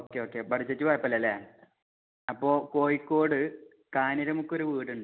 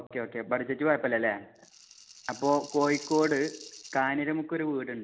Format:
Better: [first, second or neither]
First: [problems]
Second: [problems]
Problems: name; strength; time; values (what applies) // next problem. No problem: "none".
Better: first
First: none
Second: background sound (Rattle (instrument)); 17 dB below the speech